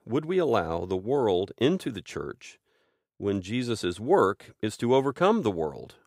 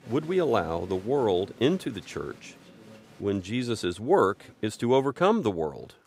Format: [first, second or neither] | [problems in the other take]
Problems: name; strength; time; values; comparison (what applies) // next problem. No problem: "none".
first | crowd noise; faint; throughout; 25 dB below the speech